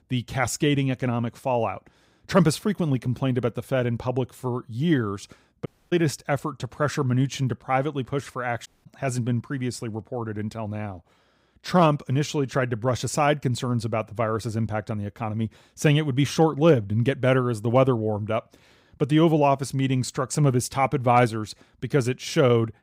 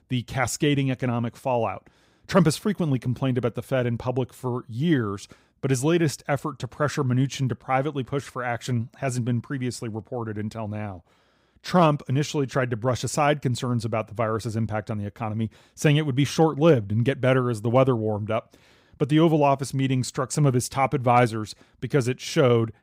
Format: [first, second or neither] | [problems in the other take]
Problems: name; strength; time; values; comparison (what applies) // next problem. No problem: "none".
second | audio cutting out; at 5.5 s and at 8.5 s